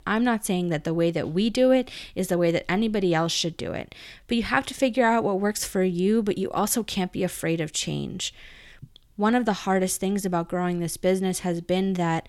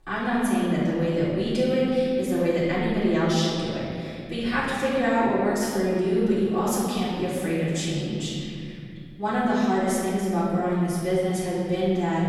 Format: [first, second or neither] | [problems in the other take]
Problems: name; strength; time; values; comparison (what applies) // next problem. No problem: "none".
first | off-mic speech; far // room echo; strong; dies away in 2.6 s